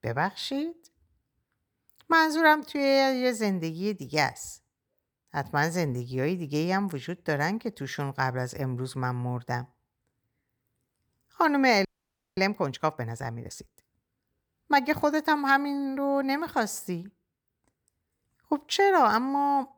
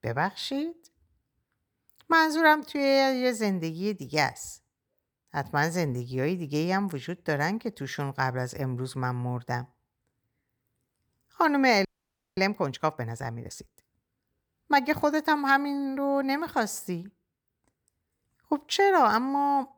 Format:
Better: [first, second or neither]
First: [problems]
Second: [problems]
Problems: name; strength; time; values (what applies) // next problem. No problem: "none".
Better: neither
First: audio freezing; at 12 s for 0.5 s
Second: audio freezing; at 12 s for 0.5 s